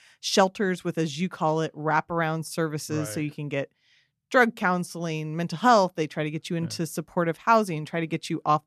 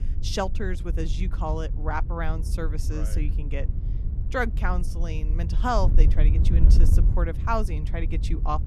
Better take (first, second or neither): first